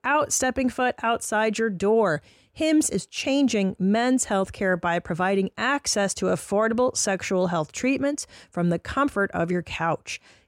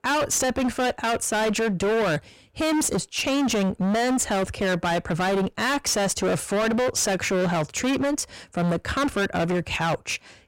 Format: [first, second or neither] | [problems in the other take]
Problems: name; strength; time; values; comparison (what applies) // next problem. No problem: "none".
first | distortion; heavy; 31% of the sound clipped